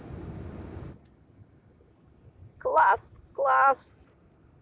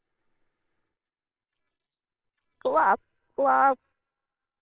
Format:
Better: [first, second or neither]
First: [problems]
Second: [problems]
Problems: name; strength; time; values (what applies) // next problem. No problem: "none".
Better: first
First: none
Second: noise reduction (neural separator model SepFormer WHAMR!)